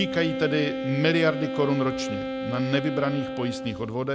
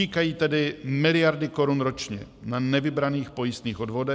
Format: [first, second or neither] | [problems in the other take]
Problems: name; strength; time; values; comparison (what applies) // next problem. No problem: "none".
second | background sound (Wind instrument, woodwind instrument); 5 dB below the speech